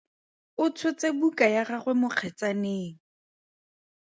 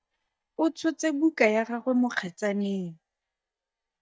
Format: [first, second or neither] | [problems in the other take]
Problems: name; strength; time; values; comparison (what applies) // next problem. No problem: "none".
first | noise reduction (neural mask model DeepFilterNet 3)